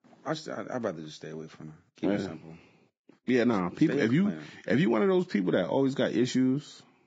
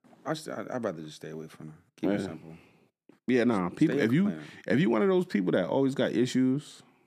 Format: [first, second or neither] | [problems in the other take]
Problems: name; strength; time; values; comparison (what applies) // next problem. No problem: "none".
second | garbled, watery; badly; nothing above 7.5 kHz